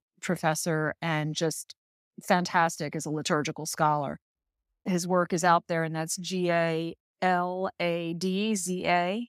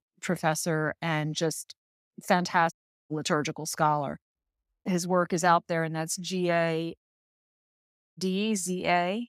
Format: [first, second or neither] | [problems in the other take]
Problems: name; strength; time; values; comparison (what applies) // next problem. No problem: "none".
first | audio cutting out; at 2.5 s and at 7 s for 1 s